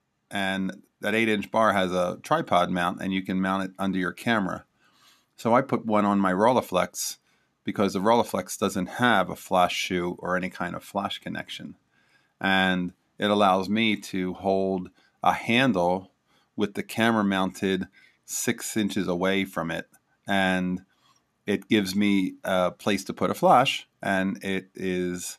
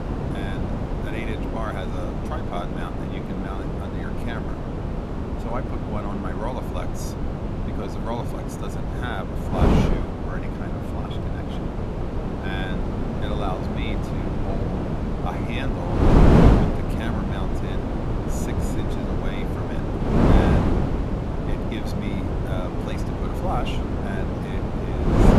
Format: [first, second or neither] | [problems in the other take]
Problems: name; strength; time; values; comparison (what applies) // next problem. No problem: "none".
first | wind noise on the microphone; heavy; 5 dB above the speech